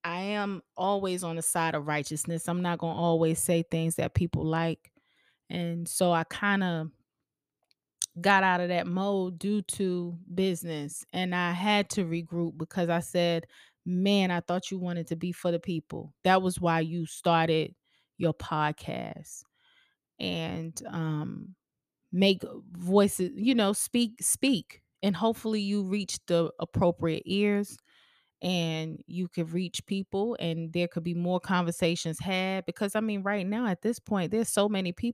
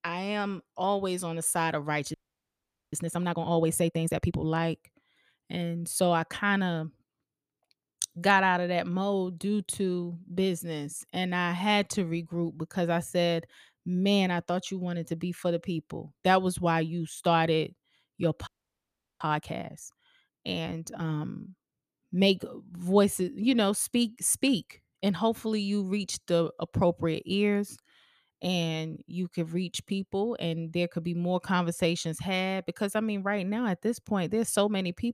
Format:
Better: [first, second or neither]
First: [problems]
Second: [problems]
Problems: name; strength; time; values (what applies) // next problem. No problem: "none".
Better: first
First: none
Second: audio freezing; at 2 s for 1 s and at 18 s for 0.5 s